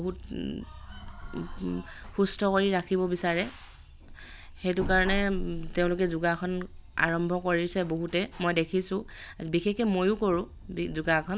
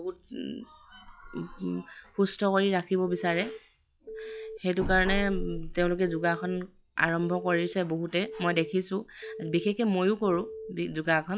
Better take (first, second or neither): first